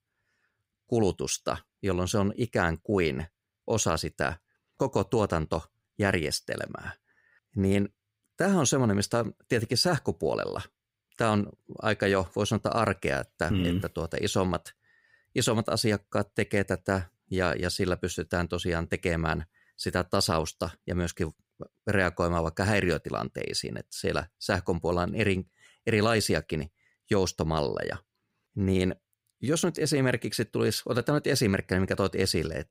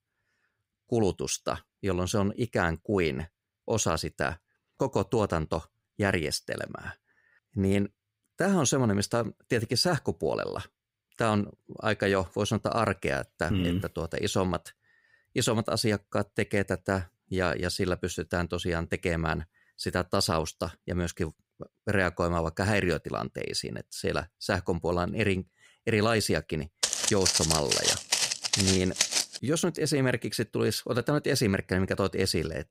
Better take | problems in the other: first | footsteps; loud; from 27 to 29 s; peak 5 dB above the speech

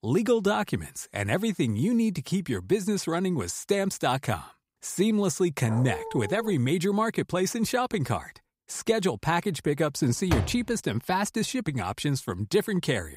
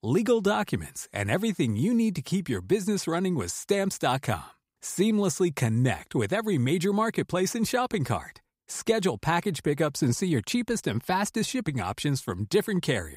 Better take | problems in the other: second | dog barking; noticeable; at 5.5 s; peak 10 dB below the speech // door banging; noticeable; at 10 s; peak 3 dB below the speech

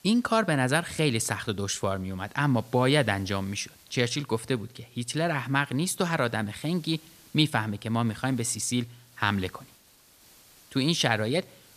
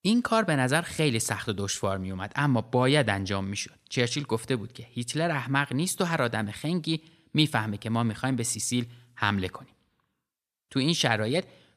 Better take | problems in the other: second | hiss; faint; throughout; 25 dB below the speech

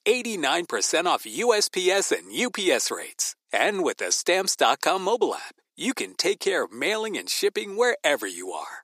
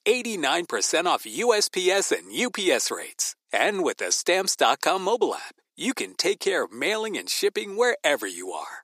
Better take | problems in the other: neither | thin; somewhat; fading below 350 Hz; the same in both

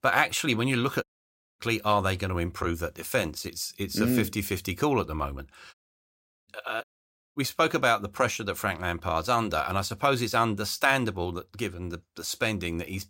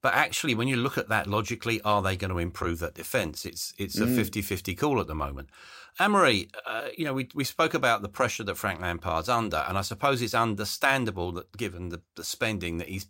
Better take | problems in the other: second | audio cutting out; at 1 s for 0.5 s, at 5.5 s for 0.5 s and at 7 s for 0.5 s

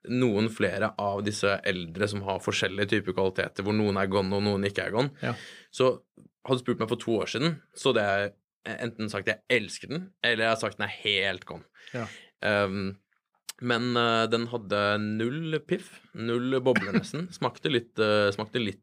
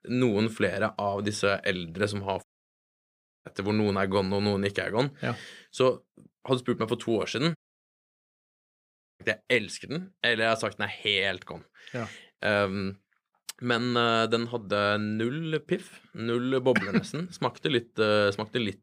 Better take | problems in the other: first | audio cutting out; at 2.5 s for 1 s and at 7.5 s for 1.5 s

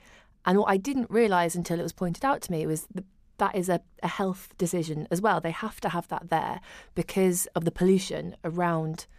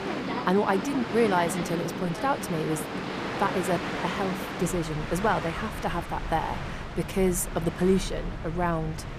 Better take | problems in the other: first | train or aircraft noise; loud; throughout; 5 dB below the speech

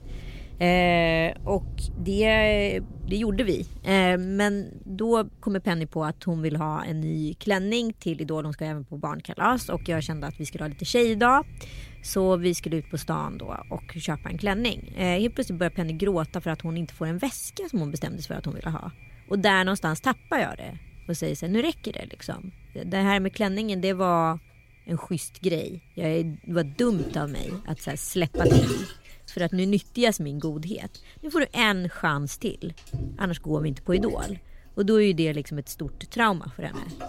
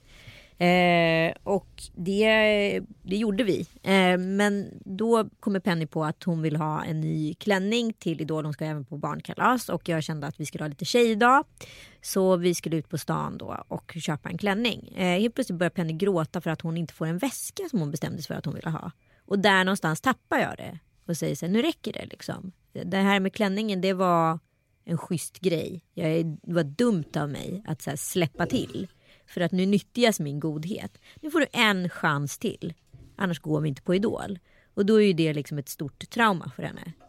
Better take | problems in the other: second | rain or running water; loud; throughout; 9 dB below the speech; faint in the second

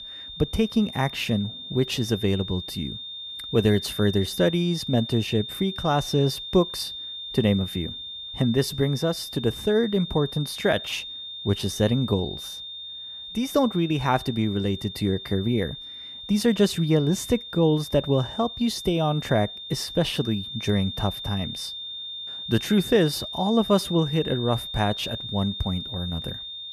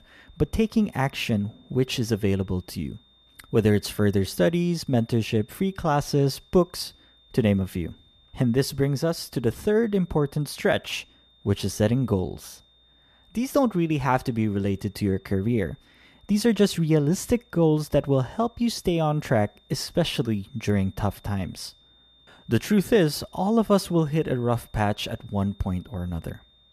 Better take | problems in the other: second | high-pitched whine; loud; throughout; 3.5 kHz, 9 dB below the speech; faint in the second

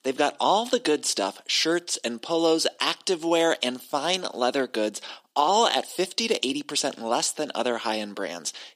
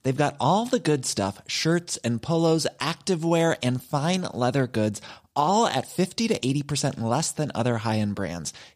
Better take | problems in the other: second | thin; somewhat; fading below 300 Hz

